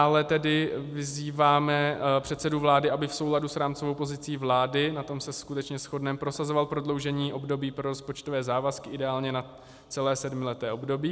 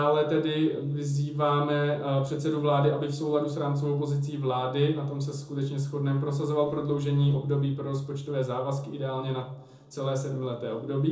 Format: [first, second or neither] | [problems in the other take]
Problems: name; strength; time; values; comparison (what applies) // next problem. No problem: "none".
first | noise reduction (neural separator model SepFormer DNS4)